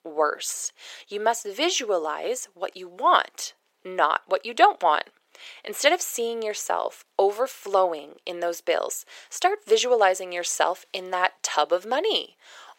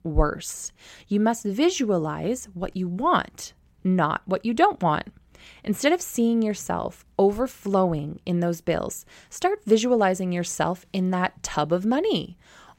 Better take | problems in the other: second | thin; very; fading below 450 Hz

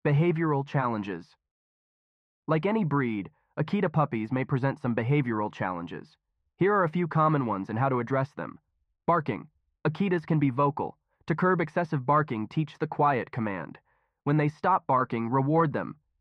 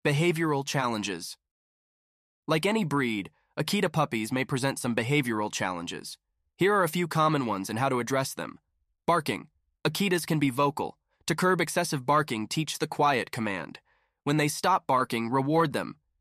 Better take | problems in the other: second | muffled; very; fading above 1.5 kHz

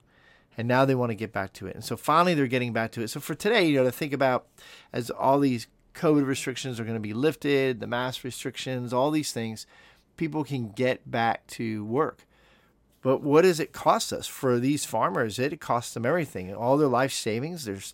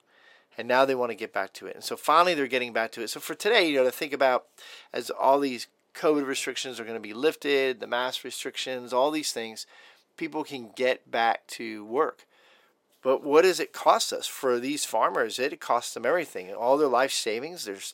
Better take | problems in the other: first | thin; somewhat; fading below 450 Hz

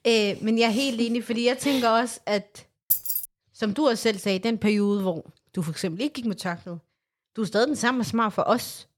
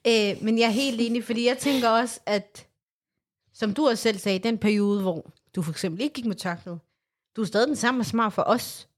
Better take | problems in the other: second | jangling keys; loud; at 3 s; peak 2 dB above the speech

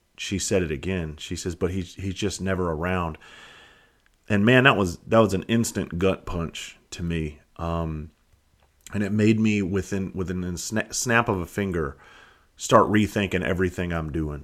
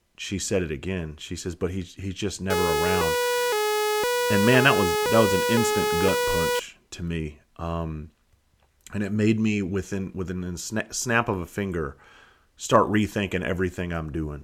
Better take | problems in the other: first | siren; loud; from 2.5 to 6.5 s; peak 3 dB above the speech

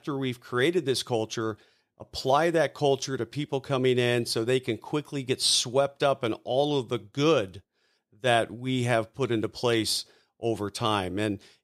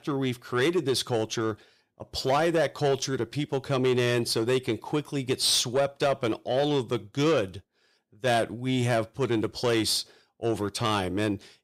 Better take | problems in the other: first | distortion; slight; 10 dB below the speech

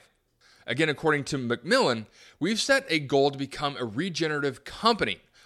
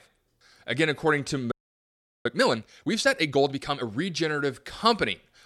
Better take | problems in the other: first | audio freezing; at 1.5 s for 0.5 s

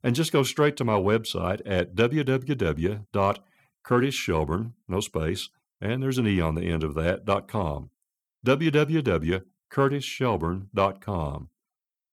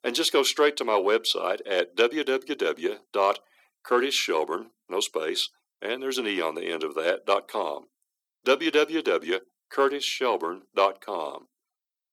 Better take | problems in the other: first | thin; very; fading below 350 Hz

